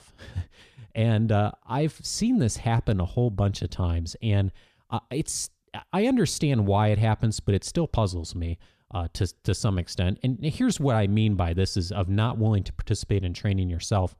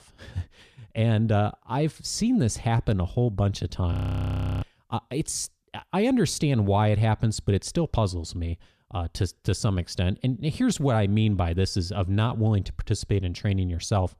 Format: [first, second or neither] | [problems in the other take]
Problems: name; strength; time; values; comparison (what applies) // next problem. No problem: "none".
first | audio freezing; at 4 s for 0.5 s